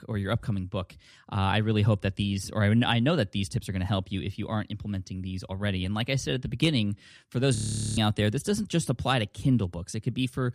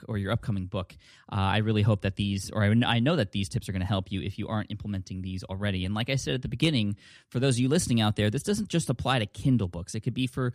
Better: second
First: audio freezing; at 7.5 s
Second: none

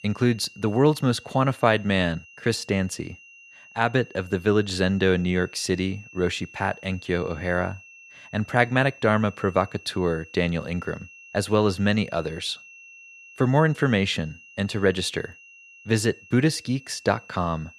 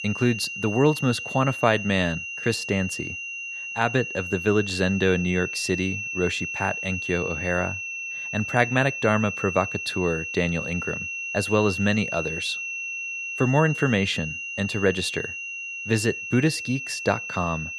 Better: first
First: high-pitched whine; faint; throughout; 2.5 kHz, 20 dB below the speech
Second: high-pitched whine; loud; throughout; 2.5 kHz, 5 dB below the speech

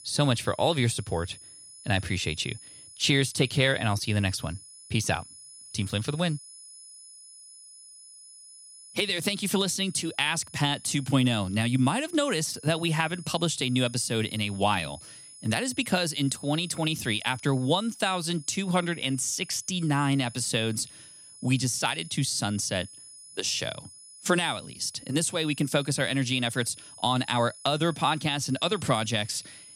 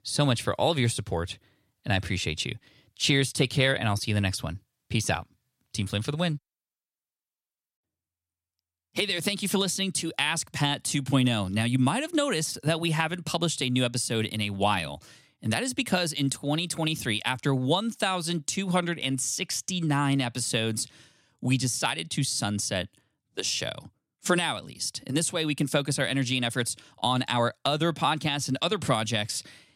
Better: second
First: high-pitched whine; noticeable; throughout; 10 kHz, 20 dB below the speech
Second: none

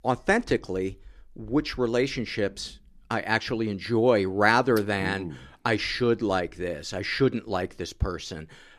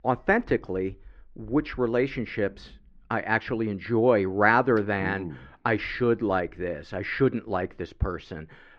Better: first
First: none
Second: muffled; very; fading above 2 kHz

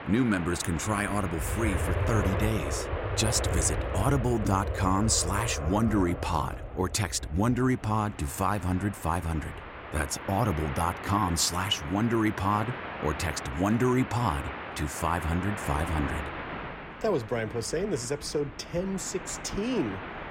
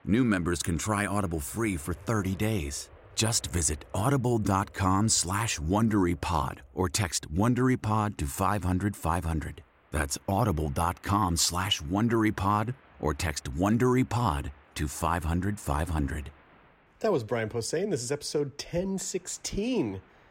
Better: second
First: train or aircraft noise; loud; throughout; 7 dB below the speech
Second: train or aircraft noise; faint; throughout; 30 dB below the speech

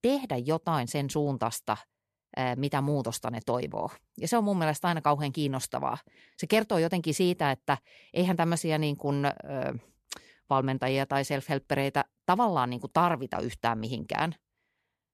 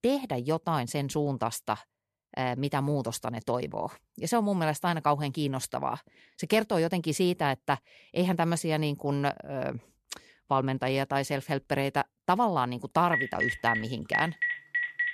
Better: first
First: none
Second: phone ringing; loud; from 13 s on; peak 1 dB above the speech

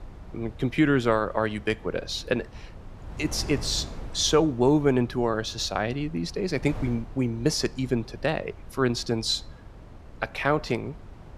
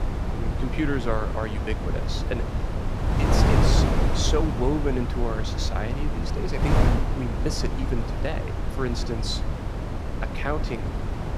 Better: first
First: wind noise on the microphone; occasional gusts; 20 dB below the speech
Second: wind noise on the microphone; heavy; 1 dB below the speech

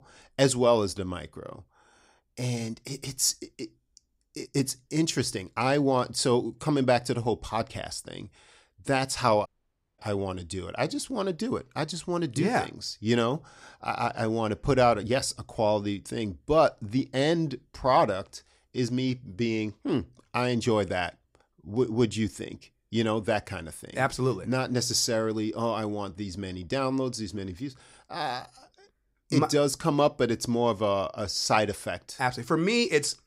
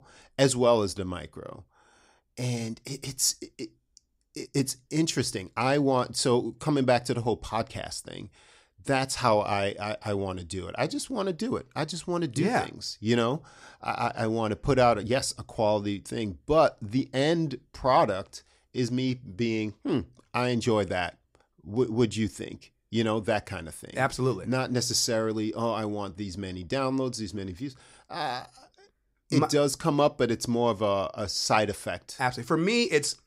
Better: second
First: audio cutting out; at 9.5 s for 0.5 s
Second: none

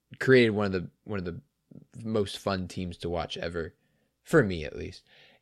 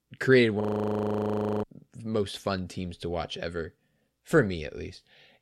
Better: first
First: none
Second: audio freezing; at 0.5 s for 1 s

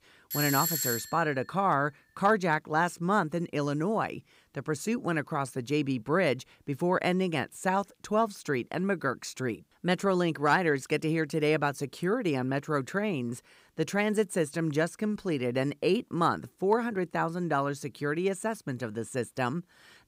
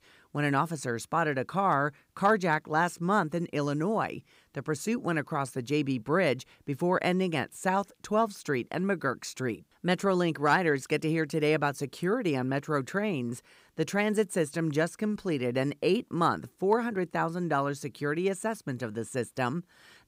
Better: second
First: doorbell; loud; at 0.5 s; peak 2 dB above the speech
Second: none

